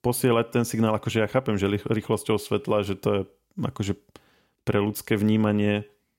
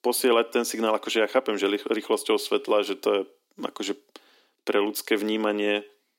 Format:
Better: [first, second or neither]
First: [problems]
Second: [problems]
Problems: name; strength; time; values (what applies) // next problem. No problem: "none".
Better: first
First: none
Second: thin; somewhat; fading below 250 Hz